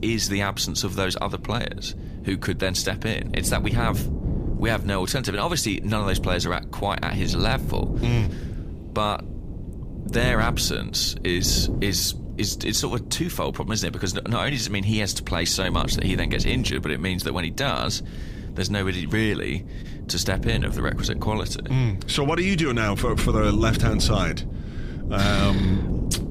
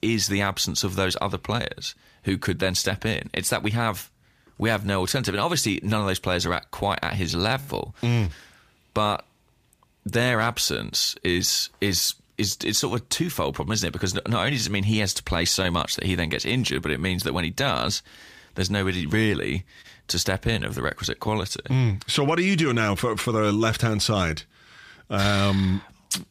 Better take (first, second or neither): second